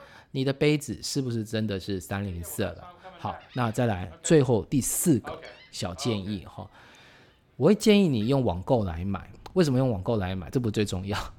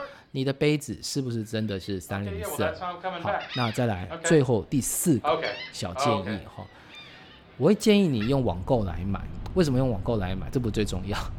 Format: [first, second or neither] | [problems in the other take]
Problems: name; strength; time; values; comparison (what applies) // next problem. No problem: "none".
first | animal sounds; loud; throughout; 7 dB below the speech; faint in the first